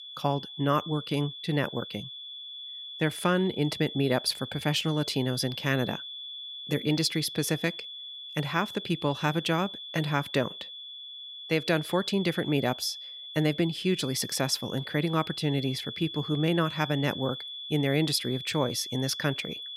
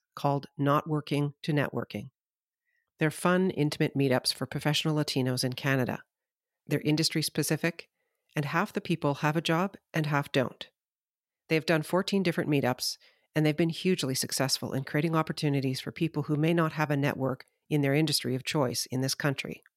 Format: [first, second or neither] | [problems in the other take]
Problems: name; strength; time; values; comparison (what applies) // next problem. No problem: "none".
second | high-pitched whine; loud; throughout; 3.5 kHz, 9 dB below the speech